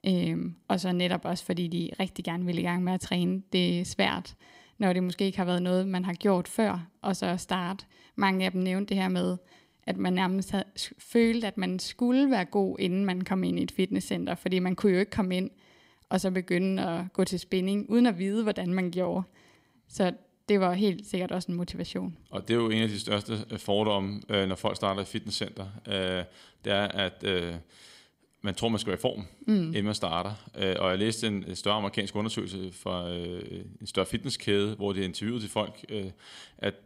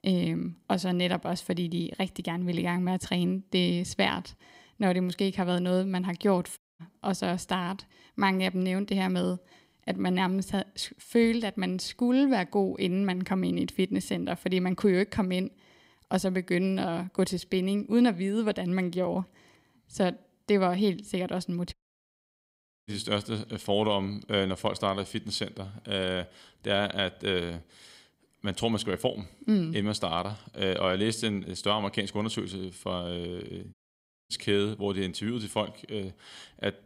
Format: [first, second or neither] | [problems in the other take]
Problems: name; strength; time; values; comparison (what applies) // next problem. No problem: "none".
first | audio cutting out; at 6.5 s, at 22 s for 1 s and at 34 s for 0.5 s